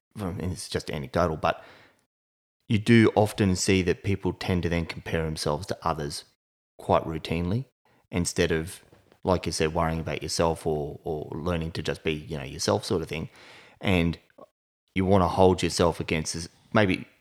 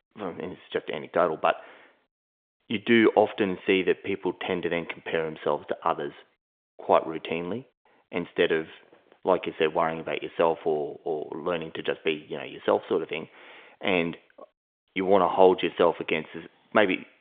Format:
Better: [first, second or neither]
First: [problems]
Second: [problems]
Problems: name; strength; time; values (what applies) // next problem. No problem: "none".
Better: first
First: none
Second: phone-call audio; nothing above 3.5 kHz